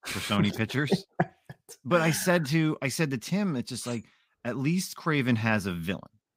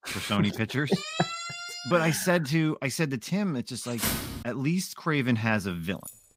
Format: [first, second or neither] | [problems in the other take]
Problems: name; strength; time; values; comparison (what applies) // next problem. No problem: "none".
first | siren; noticeable; at 1 s; peak 5 dB below the speech // footsteps; noticeable; at 4 s; peak 1 dB below the speech // jangling keys; faint; at 6 s; peak 15 dB below the speech